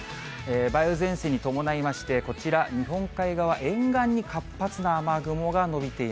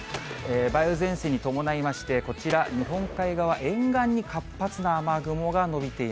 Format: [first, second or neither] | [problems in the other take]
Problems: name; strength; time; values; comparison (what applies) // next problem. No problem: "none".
first | background sound (Gunshot, gunfire); 16 dB below the speech